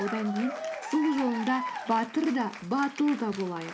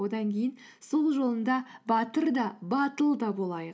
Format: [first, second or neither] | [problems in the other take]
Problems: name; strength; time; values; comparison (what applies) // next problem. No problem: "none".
second | background sound (Applause / Cheering); 9 dB below the speech